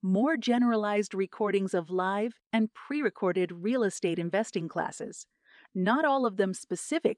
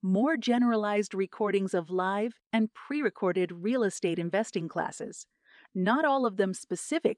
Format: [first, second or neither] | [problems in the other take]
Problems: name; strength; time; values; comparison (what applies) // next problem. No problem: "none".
neither | none